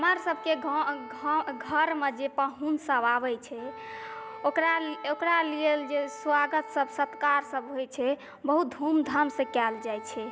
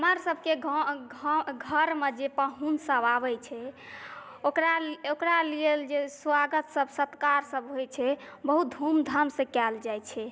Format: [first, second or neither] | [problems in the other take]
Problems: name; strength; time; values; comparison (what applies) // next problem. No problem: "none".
second | background sound (Wind instrument, woodwind instrument); 15 dB below the speech